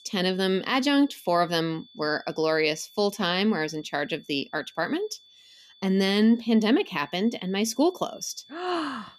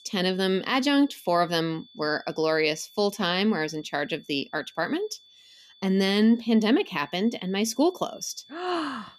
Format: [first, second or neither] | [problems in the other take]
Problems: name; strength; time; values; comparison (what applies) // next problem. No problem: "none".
neither | high-pitched whine; faint; throughout; 3.5 kHz, 25 dB below the speech; the same in both